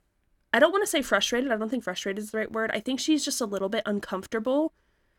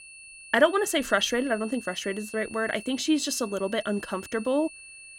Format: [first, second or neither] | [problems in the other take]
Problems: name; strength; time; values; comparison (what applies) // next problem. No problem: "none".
first | high-pitched whine; noticeable; throughout; 2.5 kHz, 15 dB below the speech